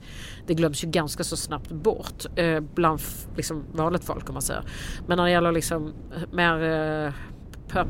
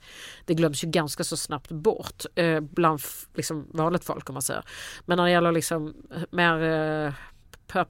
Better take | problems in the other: second | wind noise on the microphone; occasional gusts; 25 dB below the speech

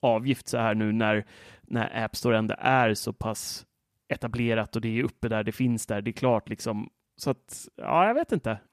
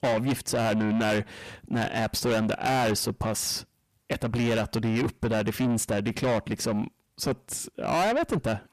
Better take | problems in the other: first | distortion; heavy; 6 dB below the speech

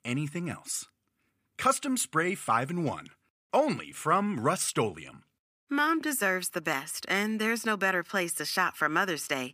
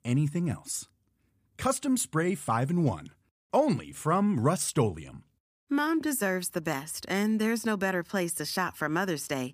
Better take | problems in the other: second | thin; very slightly; fading below 600 Hz

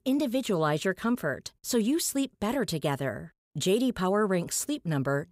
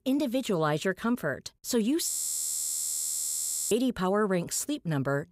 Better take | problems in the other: first | audio freezing; at 2 s for 1.5 s

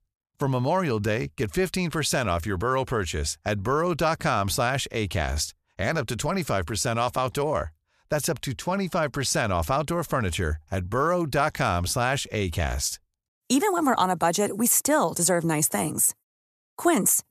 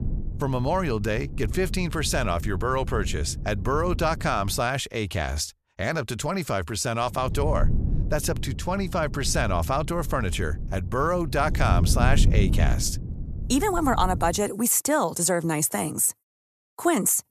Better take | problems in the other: first | low rumble; noticeable; until 4.5 s and from 7 to 14 s; 15 dB below the speech

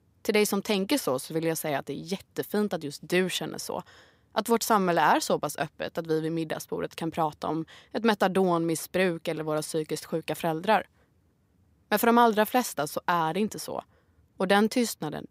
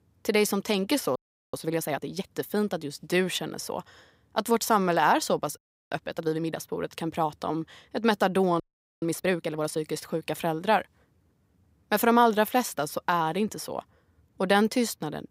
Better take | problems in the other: first | audio freezing; at 1 s, at 5.5 s and at 8.5 s

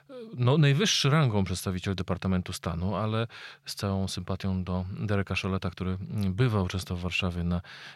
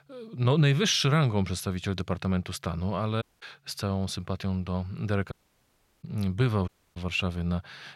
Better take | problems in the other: first | audio cutting out; at 3 s, at 5.5 s for 0.5 s and at 6.5 s

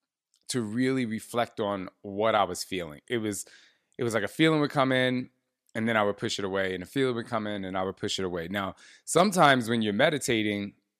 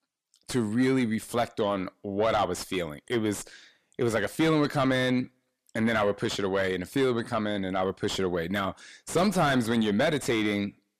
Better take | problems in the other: first | distortion; heavy; 6 dB below the speech

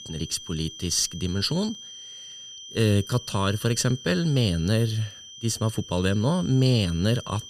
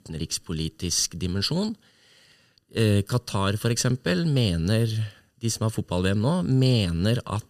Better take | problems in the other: second | high-pitched whine; noticeable; throughout; 3 kHz, 15 dB below the speech

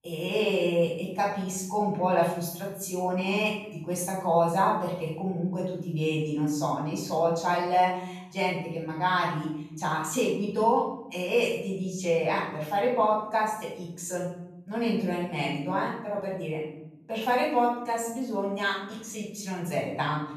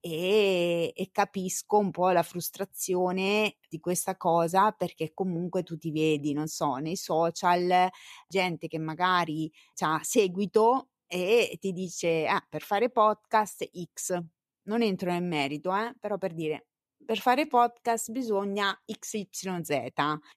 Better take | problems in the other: second | off-mic speech; far // room echo; noticeable; dies away in 0.9 s

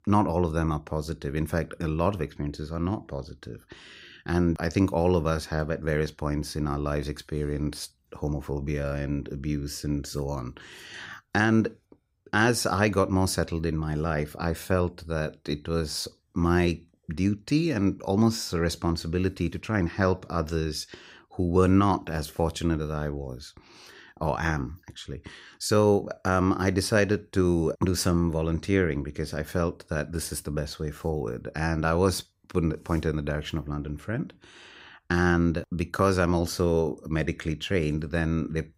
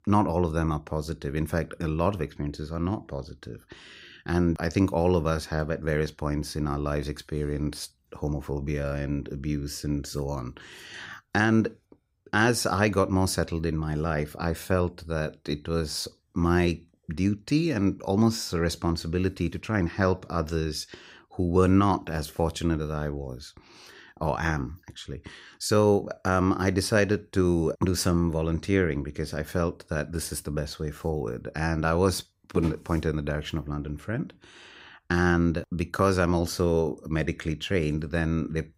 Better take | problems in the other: first | footsteps; noticeable; at 33 s; peak 7 dB below the speech

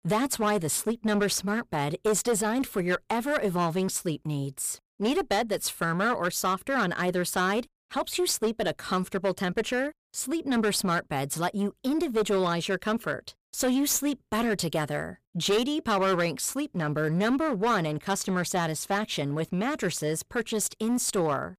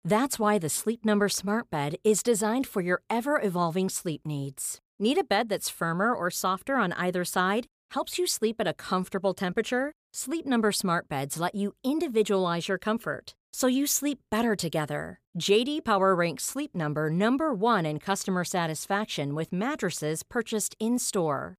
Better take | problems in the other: second | distortion; slight; 10% of the sound clipped

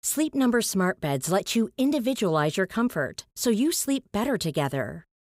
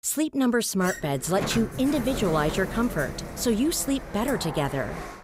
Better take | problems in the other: first | door banging; noticeable; from 1 s on; peak 5 dB below the speech

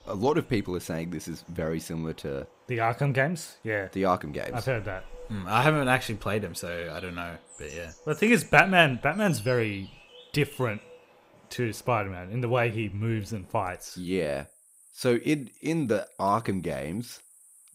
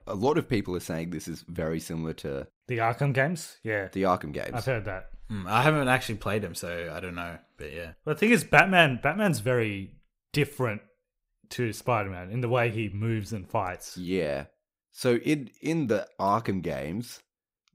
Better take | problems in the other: second | animal sounds; faint; throughout; 25 dB below the speech

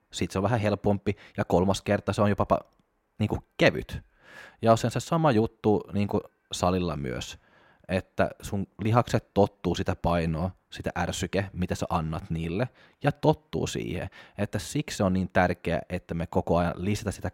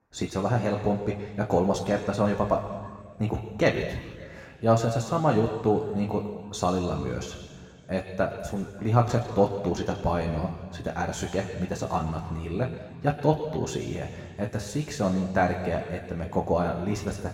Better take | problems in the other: first | room echo; noticeable; dies away in 1.9 s // off-mic speech; somewhat distant

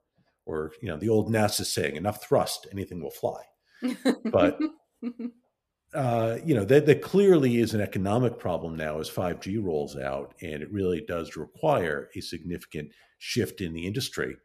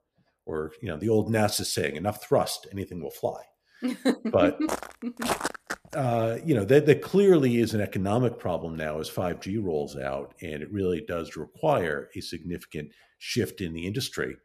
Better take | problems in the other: first | footsteps; noticeable; from 4.5 to 6 s; peak 2 dB below the speech

